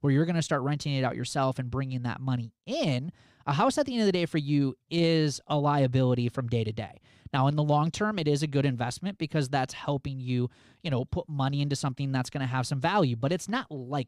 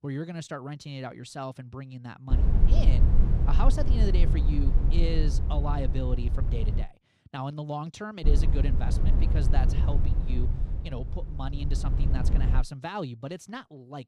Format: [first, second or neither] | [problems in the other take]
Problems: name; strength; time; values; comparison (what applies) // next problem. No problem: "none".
first | low rumble; loud; from 2.5 to 7 s and from 8 to 13 s; 4 dB below the speech